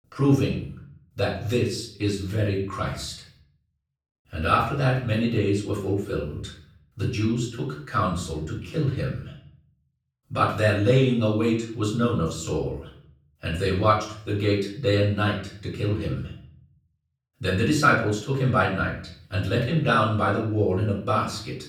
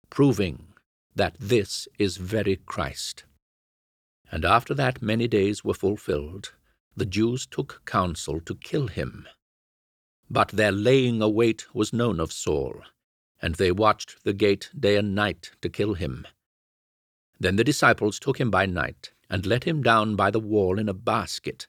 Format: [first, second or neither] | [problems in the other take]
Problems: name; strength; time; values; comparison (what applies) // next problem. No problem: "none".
second | room echo; slight; dies away in 0.5 s // off-mic speech; far